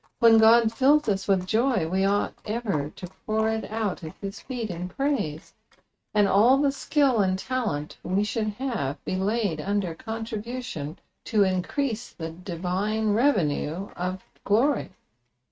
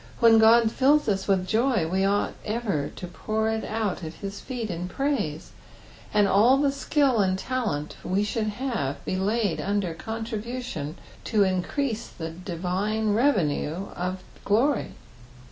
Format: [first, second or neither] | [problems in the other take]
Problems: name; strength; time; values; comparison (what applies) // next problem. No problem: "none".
second | noise reduction (neural mask model RNNoise)